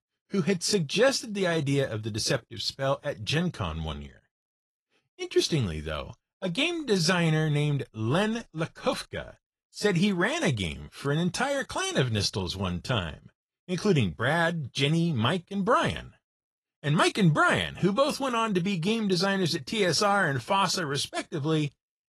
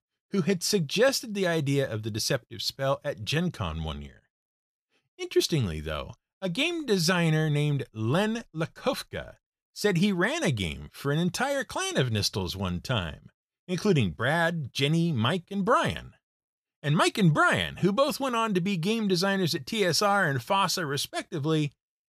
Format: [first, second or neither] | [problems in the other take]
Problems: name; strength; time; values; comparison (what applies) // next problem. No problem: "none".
second | garbled, watery; slightly; nothing above 11.5 kHz